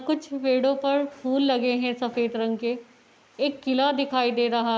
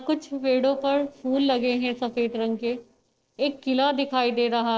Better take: first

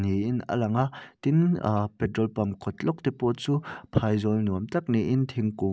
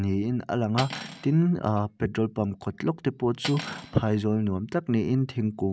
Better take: first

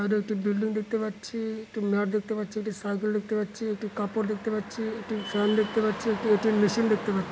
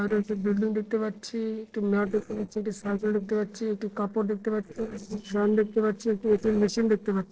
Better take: first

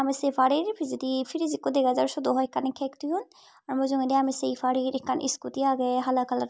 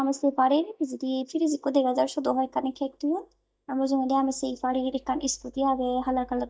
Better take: first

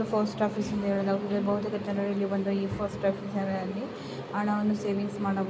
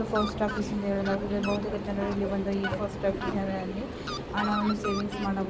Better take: first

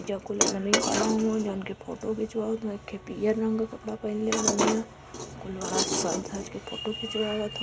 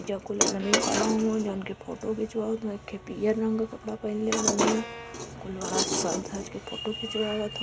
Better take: first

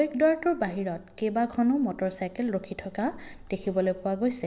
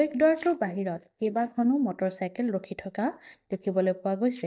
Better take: first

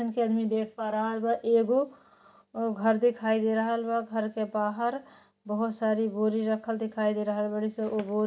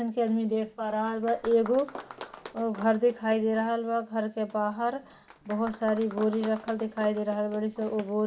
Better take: first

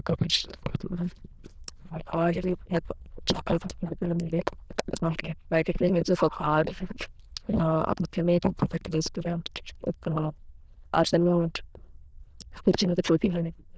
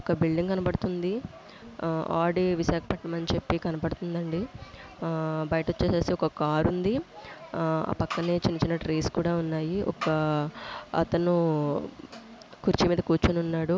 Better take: second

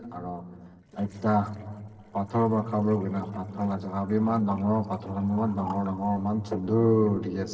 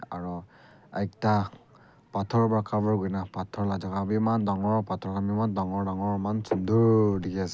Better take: second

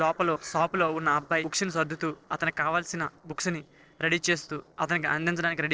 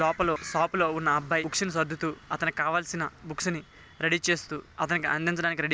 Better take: second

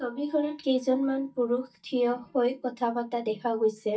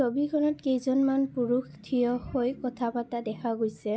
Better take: second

